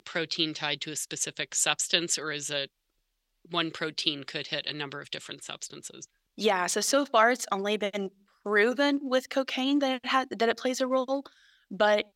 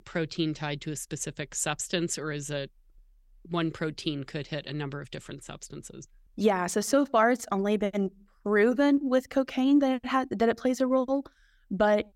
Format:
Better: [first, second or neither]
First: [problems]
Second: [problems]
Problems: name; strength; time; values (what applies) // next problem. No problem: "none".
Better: second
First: thin; very slightly; fading below 550 Hz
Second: none